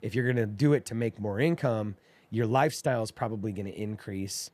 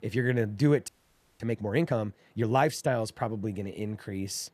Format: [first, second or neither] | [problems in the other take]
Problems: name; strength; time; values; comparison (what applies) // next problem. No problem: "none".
first | audio freezing; at 1 s for 0.5 s